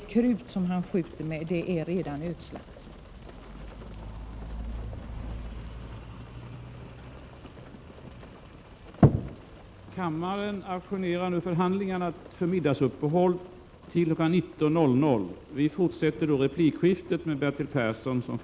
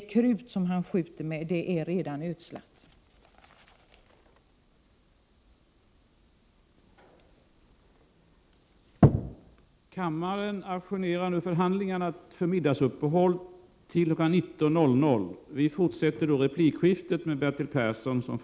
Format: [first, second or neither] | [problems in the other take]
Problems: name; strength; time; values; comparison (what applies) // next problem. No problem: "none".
second | background sound (Rain); 15 dB below the speech